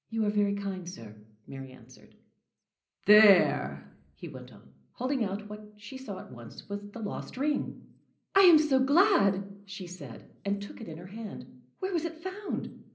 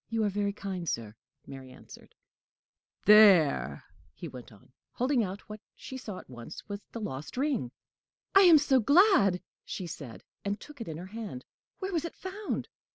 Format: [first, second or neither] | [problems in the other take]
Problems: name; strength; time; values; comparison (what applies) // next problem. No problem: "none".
second | room echo; dies away in 0.5 s